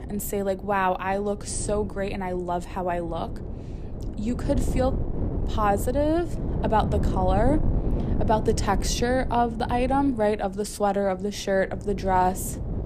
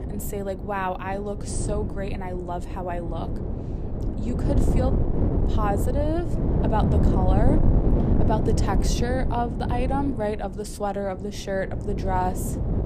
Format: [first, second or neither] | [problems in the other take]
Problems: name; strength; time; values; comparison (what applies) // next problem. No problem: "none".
first | wind noise on the microphone; heavy; 5 dB below the speech; occasional gusts in the first